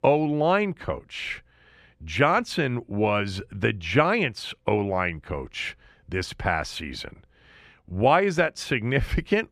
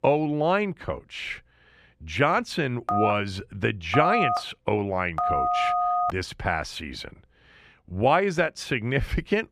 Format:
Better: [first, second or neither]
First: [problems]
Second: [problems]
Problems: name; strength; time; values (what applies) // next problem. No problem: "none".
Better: first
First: none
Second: phone ringing; loud; from 3 to 6 s; peak 3 dB above the speech